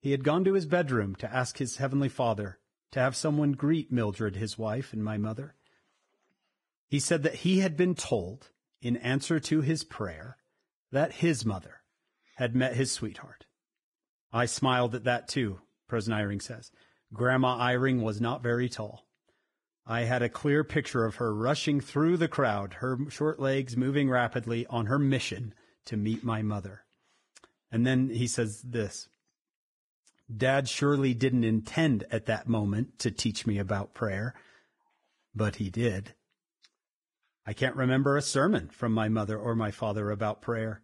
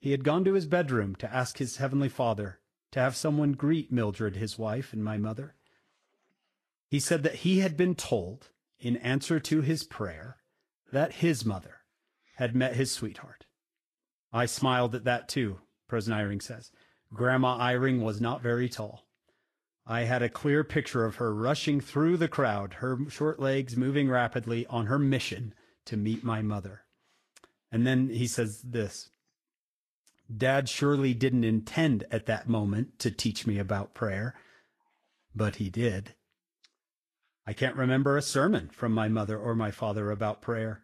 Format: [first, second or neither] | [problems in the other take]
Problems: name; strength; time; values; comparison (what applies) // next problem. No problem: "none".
second | garbled, watery; badly; nothing above 10 kHz; slightly in the second